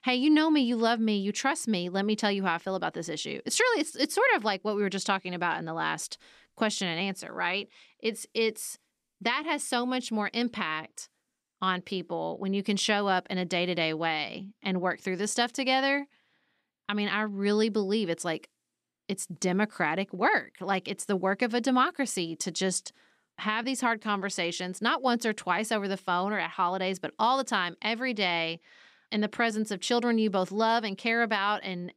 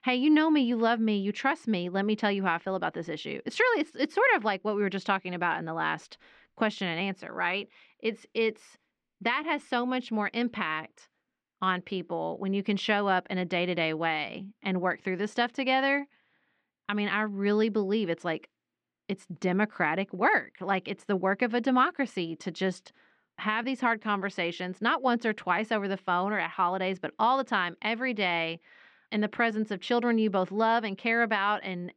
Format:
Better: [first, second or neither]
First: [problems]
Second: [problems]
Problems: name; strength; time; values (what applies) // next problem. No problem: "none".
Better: first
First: none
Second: muffled; slightly; fading above 2.5 kHz